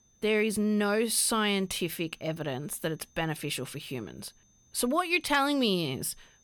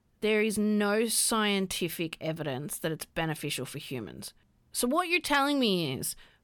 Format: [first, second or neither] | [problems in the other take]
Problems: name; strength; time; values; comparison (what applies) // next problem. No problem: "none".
second | high-pitched whine; faint; throughout; 6 kHz, 35 dB below the speech